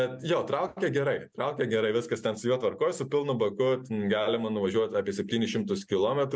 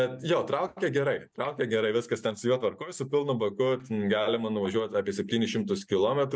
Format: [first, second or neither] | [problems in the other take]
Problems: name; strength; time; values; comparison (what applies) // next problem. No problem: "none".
first | noise reduction (neural mask model DeepFilterNet 3)